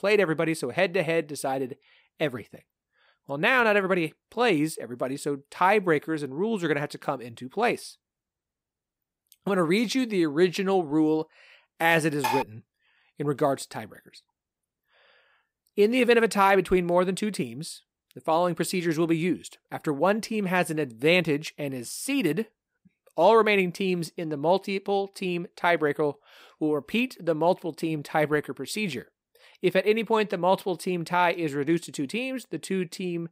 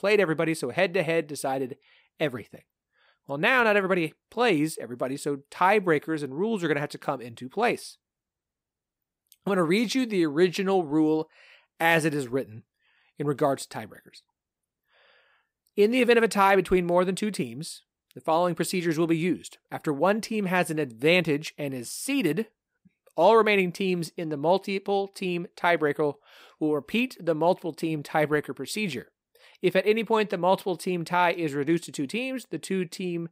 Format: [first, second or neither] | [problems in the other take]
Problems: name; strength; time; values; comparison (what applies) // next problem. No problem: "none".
second | clattering dishes; noticeable; at 12 s; peak 3 dB below the speech